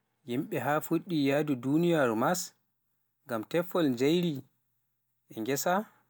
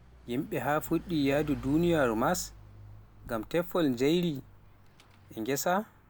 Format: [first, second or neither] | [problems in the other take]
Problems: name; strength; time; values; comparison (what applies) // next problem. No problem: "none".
first | background sound (Mechanisms / Bicycle); 18 dB below the speech